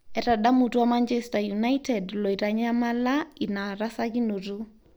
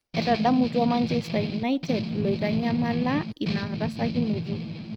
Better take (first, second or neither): first